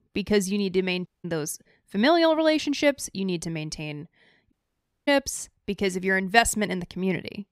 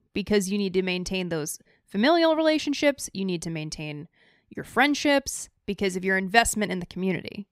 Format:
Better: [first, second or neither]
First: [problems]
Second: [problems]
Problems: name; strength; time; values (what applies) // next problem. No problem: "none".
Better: second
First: audio cutting out; at 1 s and at 4.5 s for 0.5 s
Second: none